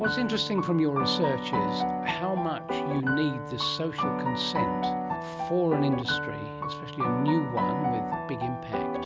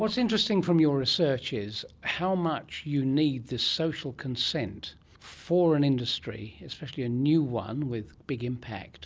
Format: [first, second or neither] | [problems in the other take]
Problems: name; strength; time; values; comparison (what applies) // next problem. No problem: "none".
second | background sound (Piano); as loud as the speech